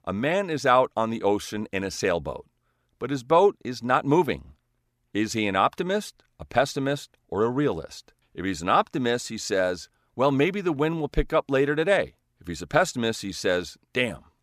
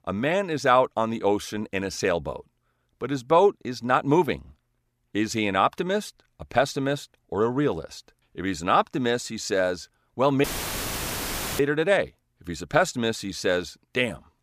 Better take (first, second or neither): first